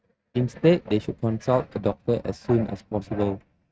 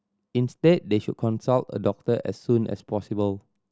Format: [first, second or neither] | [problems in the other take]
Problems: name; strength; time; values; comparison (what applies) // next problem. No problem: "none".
second | noise reduction (neural mask model RNNoise)